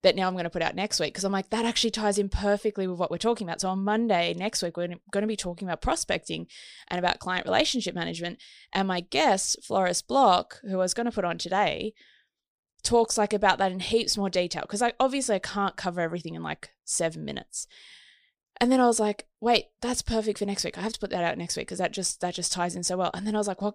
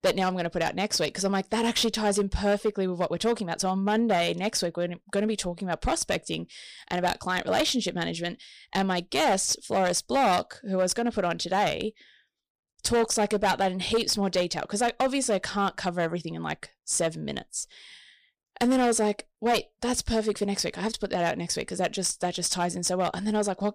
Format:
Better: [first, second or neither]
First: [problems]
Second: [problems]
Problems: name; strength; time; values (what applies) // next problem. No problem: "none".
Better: first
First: none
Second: distortion; slight; 6% of the sound clipped